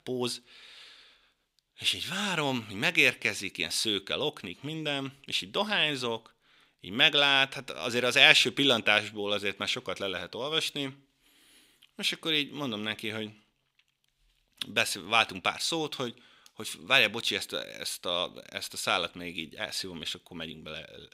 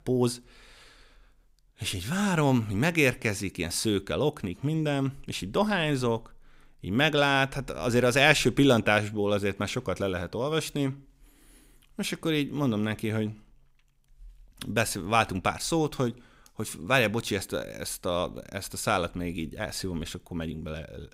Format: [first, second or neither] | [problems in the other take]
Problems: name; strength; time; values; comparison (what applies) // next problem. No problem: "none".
second | thin; very slightly; fading below 350 Hz